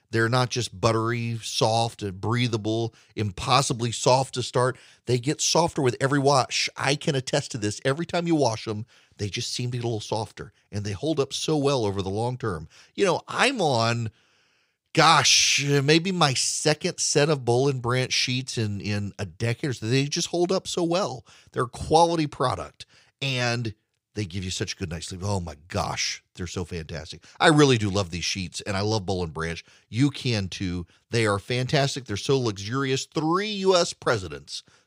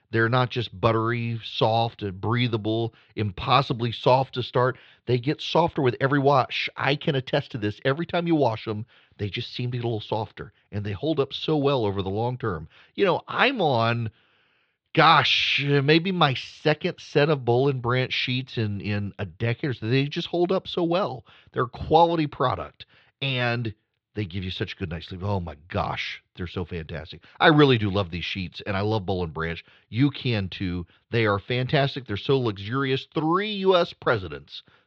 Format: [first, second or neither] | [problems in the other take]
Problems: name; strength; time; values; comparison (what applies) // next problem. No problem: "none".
first | muffled; slightly; fading above 3.5 kHz